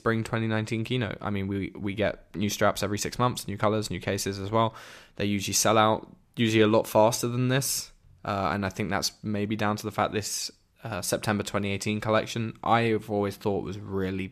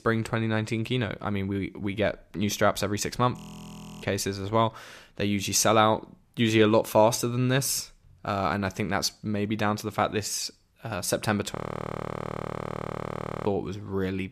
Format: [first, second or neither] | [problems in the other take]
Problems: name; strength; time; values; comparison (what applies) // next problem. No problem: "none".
first | audio freezing; at 3.5 s for 0.5 s and at 12 s for 2 s